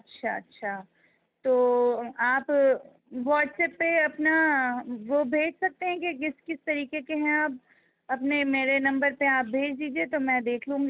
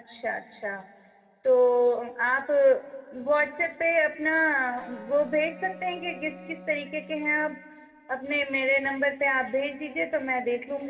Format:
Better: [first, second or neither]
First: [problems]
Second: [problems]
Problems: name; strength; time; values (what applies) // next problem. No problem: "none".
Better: first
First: none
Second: background sound (Wind instrument, woodwind instrument); 19 dB below the speech // room echo; dies away in 1.8 s